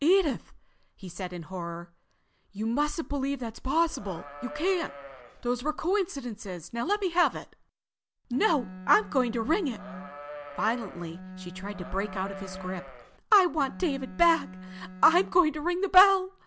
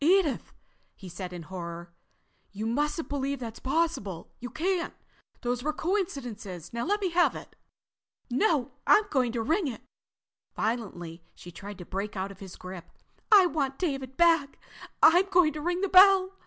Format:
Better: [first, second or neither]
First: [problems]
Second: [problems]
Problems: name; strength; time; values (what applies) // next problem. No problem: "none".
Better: second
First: background sound (Bowed string instrument + Livestock, farm animals, working animals); 13 dB below the speech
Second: none